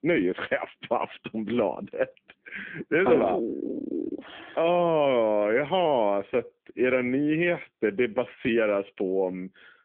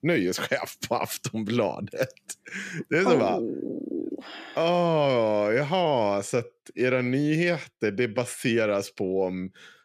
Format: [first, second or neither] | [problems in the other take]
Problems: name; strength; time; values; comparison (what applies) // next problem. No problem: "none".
second | phone-call audio